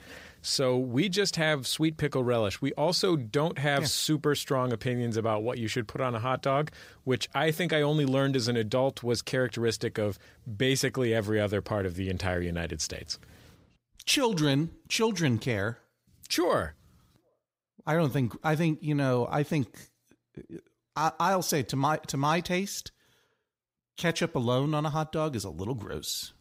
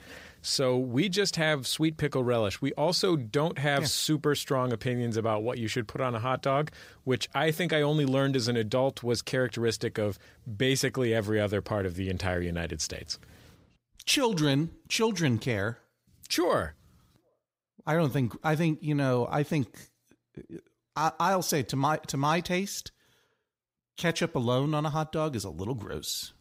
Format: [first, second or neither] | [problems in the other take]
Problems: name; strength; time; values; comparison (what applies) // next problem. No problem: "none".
neither | none